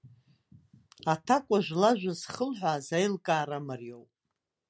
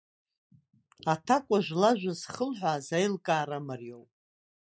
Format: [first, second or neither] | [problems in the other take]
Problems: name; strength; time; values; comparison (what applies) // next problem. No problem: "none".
first | noise reduction (neural mask model Resemble Enhance denoiser)